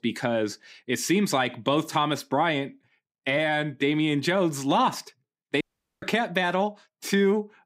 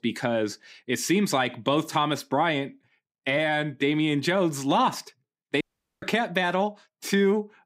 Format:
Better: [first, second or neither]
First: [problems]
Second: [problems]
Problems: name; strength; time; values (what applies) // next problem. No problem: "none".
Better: neither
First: audio cutting out; at 5.5 s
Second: audio cutting out; at 5.5 s